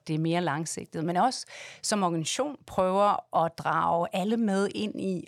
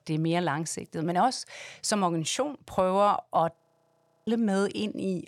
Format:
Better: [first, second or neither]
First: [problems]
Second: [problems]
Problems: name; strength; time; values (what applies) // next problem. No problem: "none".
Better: first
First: none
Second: audio freezing; at 3.5 s for 0.5 s